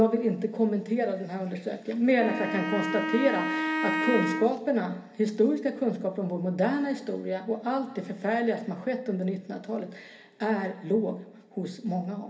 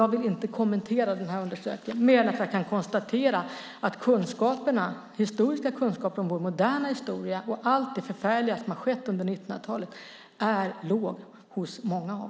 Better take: second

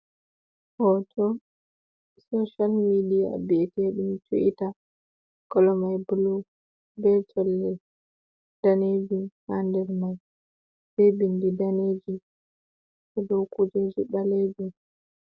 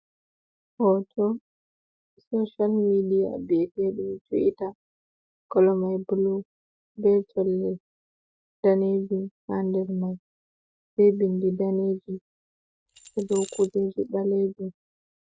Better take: first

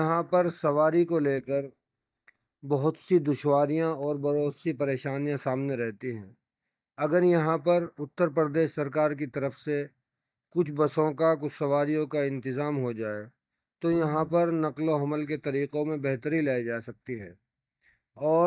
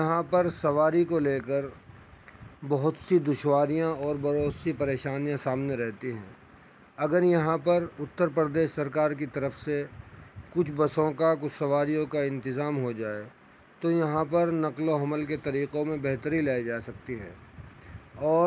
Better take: second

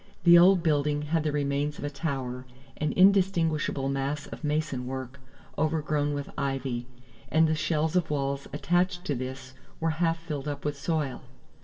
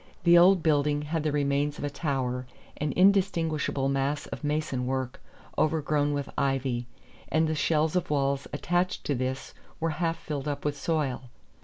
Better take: second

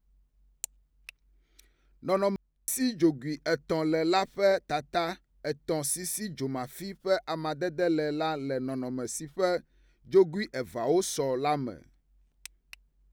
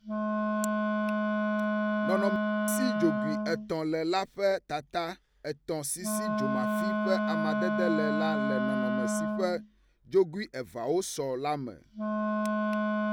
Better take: first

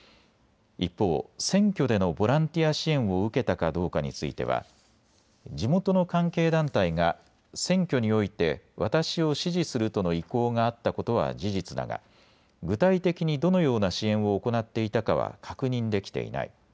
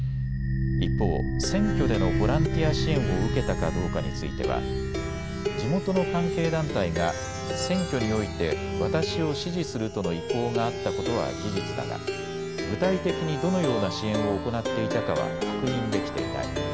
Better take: first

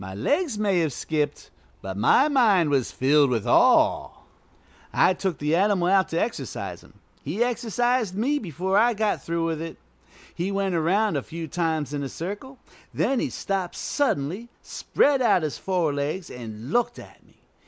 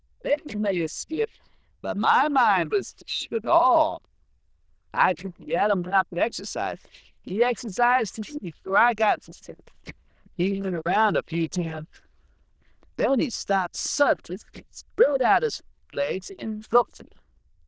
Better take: first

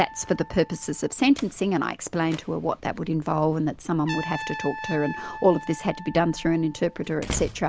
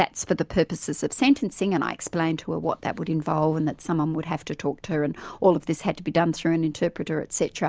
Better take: second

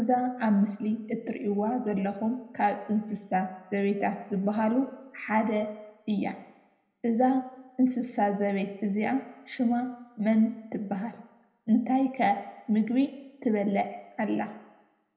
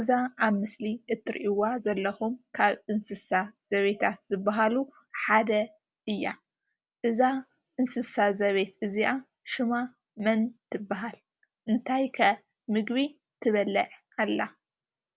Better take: second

